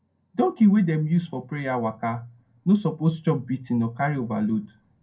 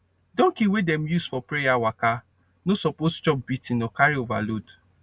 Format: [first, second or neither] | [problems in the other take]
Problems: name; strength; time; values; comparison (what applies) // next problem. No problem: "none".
second | room echo; dies away in 0.2 s